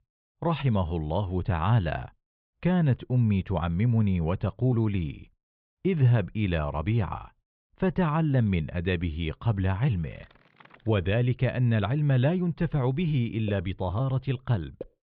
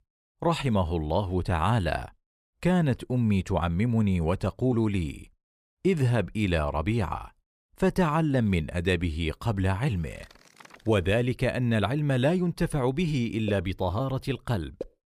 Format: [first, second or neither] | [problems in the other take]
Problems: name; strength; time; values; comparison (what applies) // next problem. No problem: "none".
second | muffled; slightly; fading above 3.5 kHz